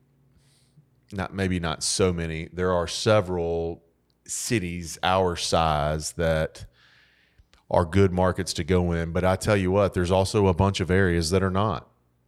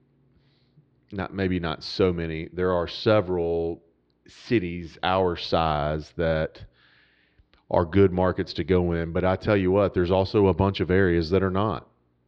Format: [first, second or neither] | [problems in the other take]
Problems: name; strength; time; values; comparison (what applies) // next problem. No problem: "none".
first | muffled; very slightly; fading above 4.5 kHz